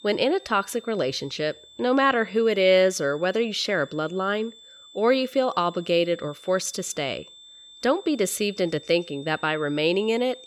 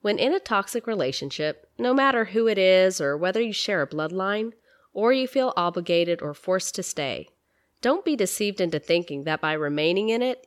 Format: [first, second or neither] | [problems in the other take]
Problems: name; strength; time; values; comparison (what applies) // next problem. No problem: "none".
second | high-pitched whine; faint; throughout; 3.5 kHz, 20 dB below the speech